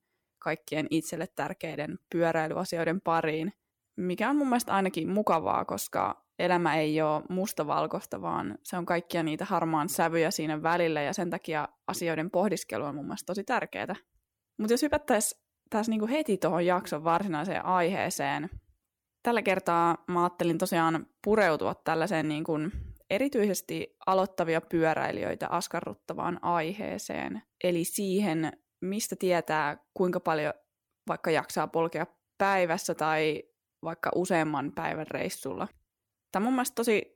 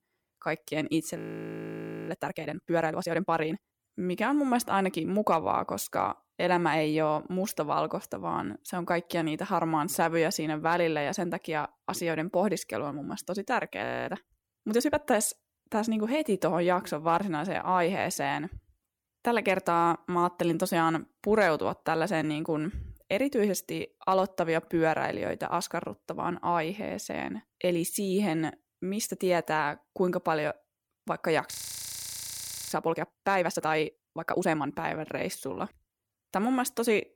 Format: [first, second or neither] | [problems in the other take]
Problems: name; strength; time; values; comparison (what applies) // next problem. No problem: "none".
first | audio freezing; at 1 s for 1 s, at 14 s and at 32 s for 1 s